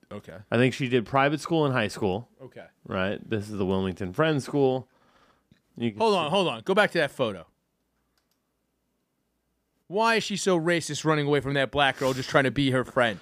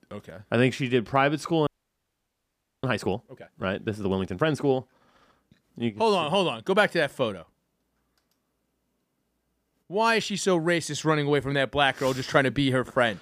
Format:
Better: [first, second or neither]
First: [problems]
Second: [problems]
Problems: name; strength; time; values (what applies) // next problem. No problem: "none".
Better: first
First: none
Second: audio freezing; at 1.5 s for 1 s